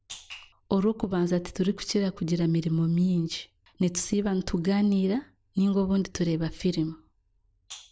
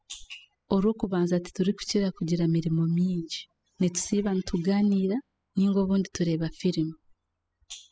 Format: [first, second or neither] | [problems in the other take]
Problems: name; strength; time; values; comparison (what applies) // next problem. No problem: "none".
first | noise reduction (classical method spectral subtraction)